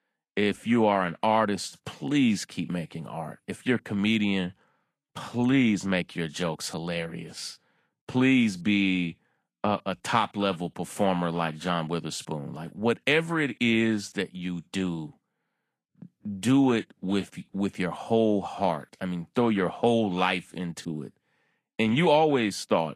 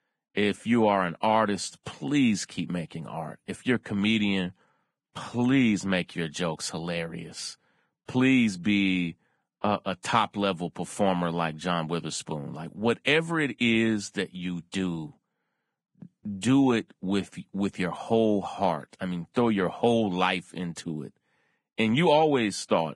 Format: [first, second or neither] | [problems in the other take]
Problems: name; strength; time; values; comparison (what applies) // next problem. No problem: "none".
first | garbled, watery; badly; slightly in the first